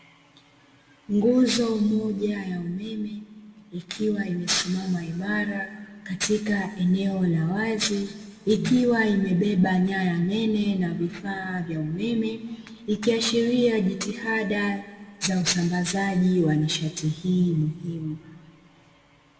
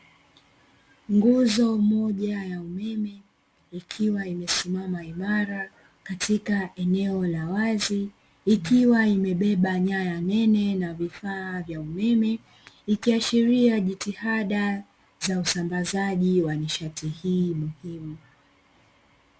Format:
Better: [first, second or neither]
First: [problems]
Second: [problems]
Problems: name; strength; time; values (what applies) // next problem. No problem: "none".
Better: second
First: room echo; dies away in 1.4 s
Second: none